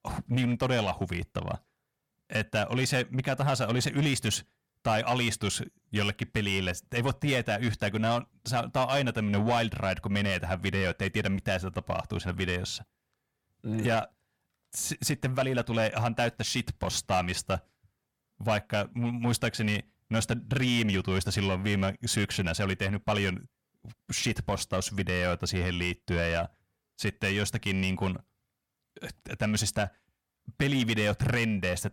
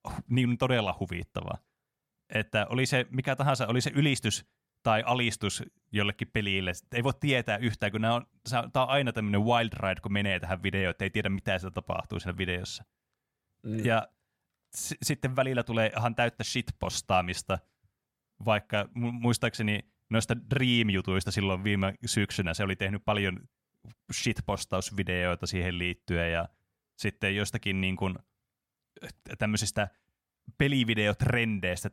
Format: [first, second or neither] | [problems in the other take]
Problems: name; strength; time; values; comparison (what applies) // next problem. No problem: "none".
second | distortion; slight; 10 dB below the speech